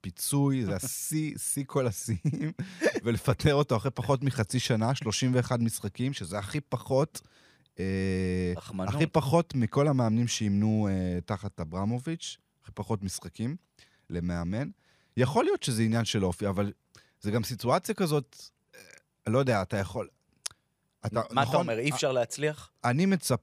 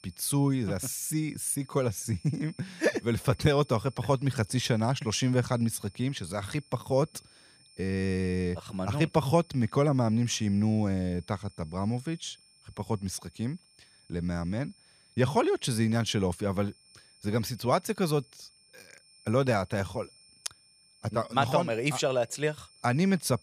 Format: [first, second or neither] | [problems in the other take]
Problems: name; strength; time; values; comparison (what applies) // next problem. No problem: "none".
first | high-pitched whine; faint; throughout; 5.5 kHz, 25 dB below the speech